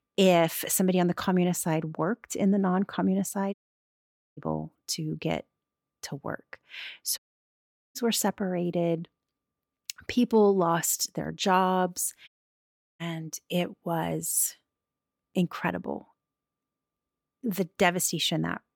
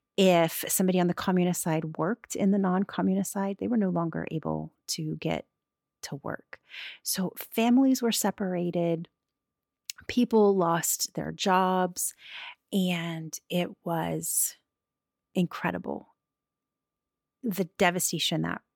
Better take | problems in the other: second | audio cutting out; at 3.5 s for 1 s, at 7 s for 1 s and at 12 s for 0.5 s

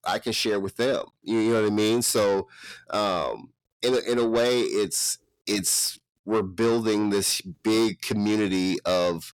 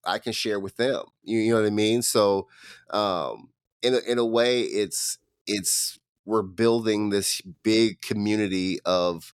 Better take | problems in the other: second | distortion; slight; 10 dB below the speech

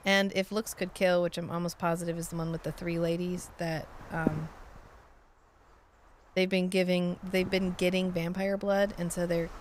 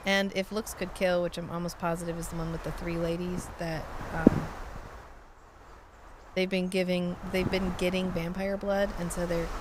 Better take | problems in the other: first | wind noise on the microphone; heavy; 7 dB below the speech; occasional gusts in the first

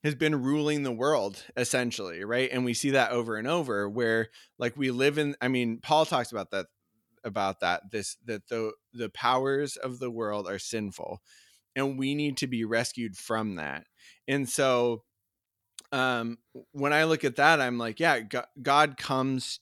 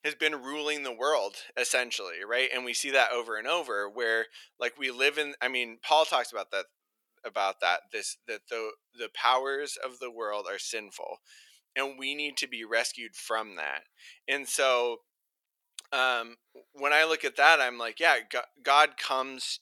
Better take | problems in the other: first | thin; very; fading below 500 Hz

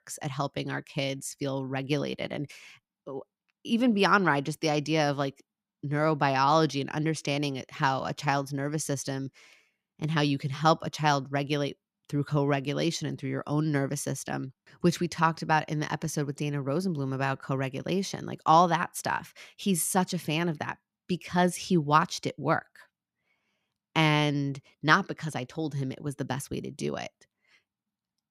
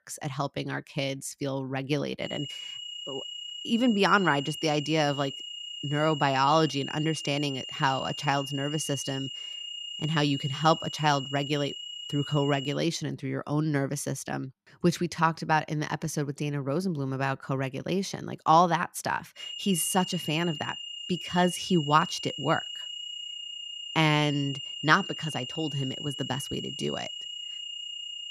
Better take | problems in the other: first | high-pitched whine; loud; from 2.5 to 13 s and from 19 s on; 3 kHz, 8 dB below the speech

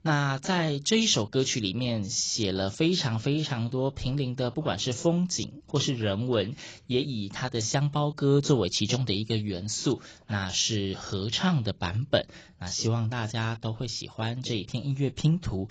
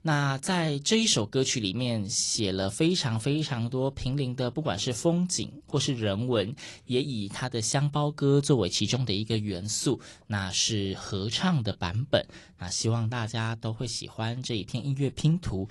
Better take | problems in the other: second | garbled, watery; badly; nothing above 7.5 kHz; slightly in the second

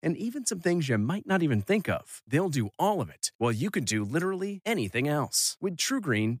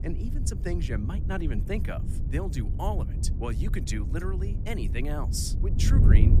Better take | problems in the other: first | wind noise on the microphone; heavy; 6 dB below the speech

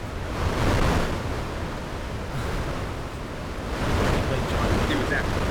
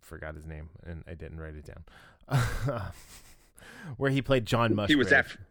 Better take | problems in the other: second | wind noise on the microphone; heavy; 4 dB above the speech

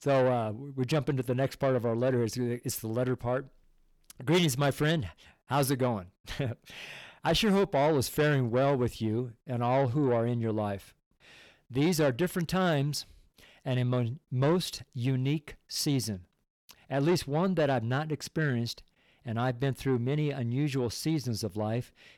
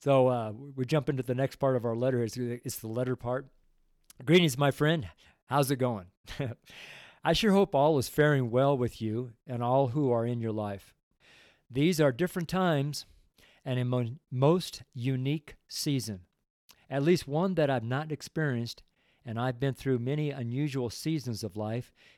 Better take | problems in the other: second | distortion; slight; 10 dB below the speech

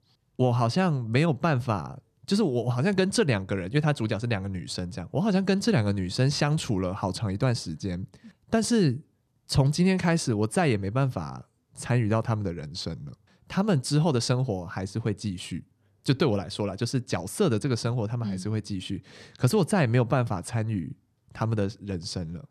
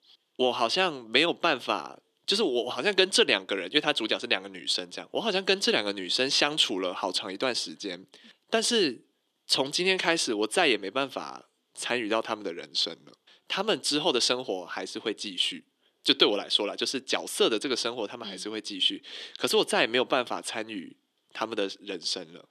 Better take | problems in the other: first | thin; somewhat; fading below 300 Hz

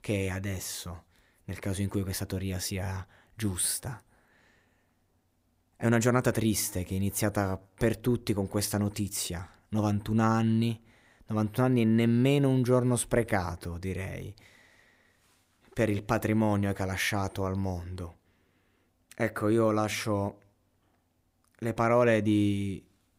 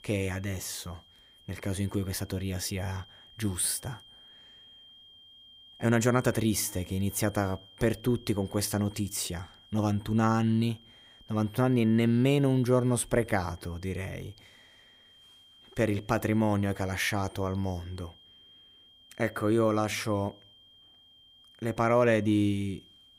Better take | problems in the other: first | high-pitched whine; faint; throughout; 3 kHz, 25 dB below the speech

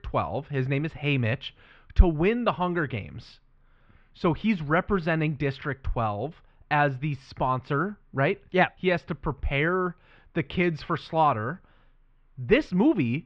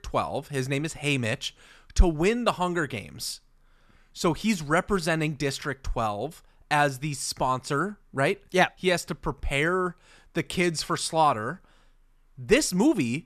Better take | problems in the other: second | muffled; very; fading above 3 kHz

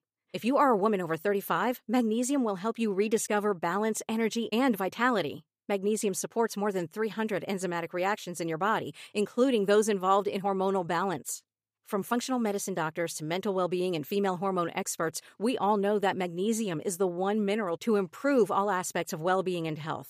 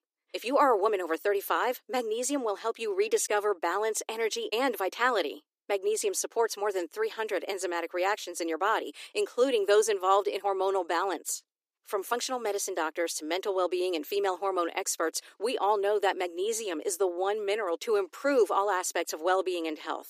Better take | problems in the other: first | thin; somewhat; fading below 300 Hz

